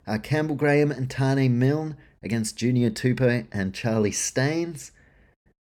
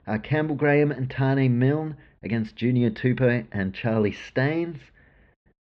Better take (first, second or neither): first